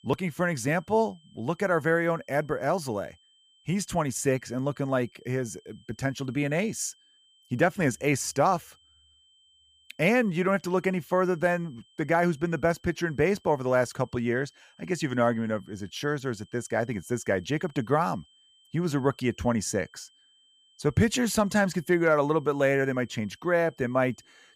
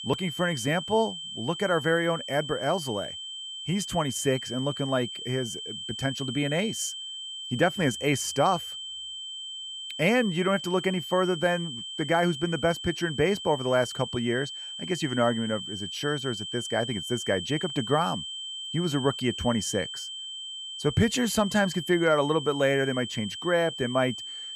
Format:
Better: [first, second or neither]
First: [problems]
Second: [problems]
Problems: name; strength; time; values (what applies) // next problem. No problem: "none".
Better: first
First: high-pitched whine; faint; throughout; 3 kHz, 30 dB below the speech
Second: high-pitched whine; loud; throughout; 3 kHz, 7 dB below the speech